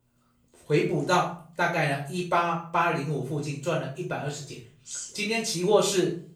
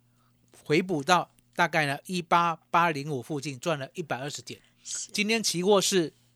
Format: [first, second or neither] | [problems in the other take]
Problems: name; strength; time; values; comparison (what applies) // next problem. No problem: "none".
second | off-mic speech; far // room echo; noticeable; dies away in 0.5 s